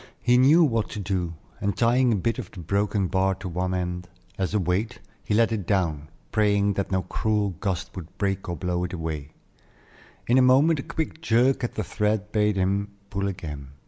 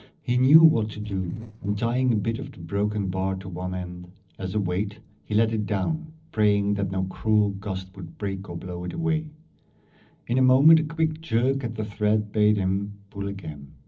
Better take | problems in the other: first | noise reduction (neural separator model SepFormer DNS4)

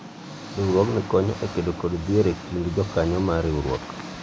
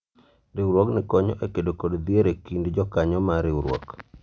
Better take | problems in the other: second | background sound (Engine); 12 dB below the speech

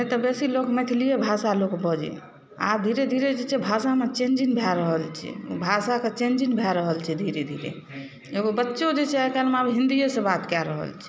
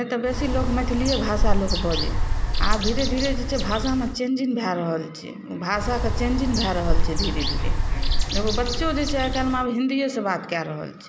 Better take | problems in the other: first | background sound (Bird); 4 dB above the speech

